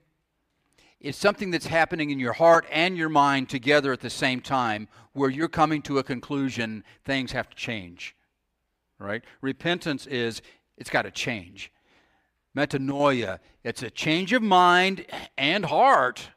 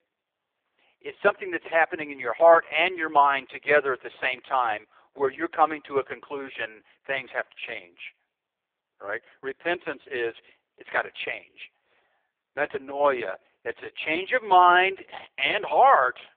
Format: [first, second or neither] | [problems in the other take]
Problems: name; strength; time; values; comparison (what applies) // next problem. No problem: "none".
first | phone-call audio; poor line